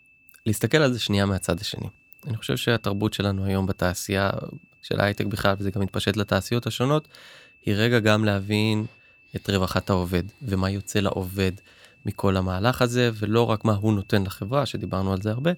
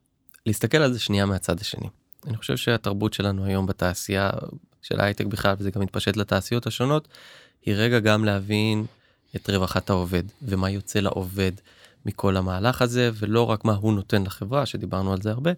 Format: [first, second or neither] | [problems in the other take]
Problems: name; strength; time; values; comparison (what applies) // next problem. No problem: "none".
second | high-pitched whine; faint; throughout; 2.5 kHz, 30 dB below the speech